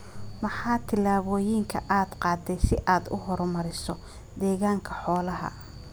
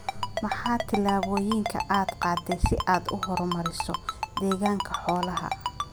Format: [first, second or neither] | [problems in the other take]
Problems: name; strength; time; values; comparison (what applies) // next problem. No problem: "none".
first | background sound (Ringtone); 5 dB below the speech